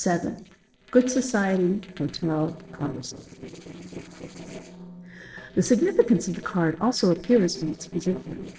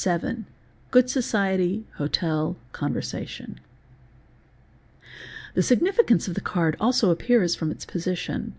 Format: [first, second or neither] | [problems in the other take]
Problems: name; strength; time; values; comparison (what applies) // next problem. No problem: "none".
second | noise reduction (neural separator model SepFormer DNS4)